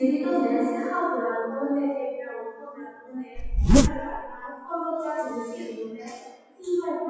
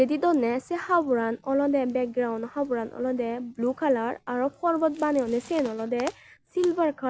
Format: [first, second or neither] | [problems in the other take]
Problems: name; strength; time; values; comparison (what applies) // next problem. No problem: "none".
second | noise reduction (classical method WPE with log-MMSE)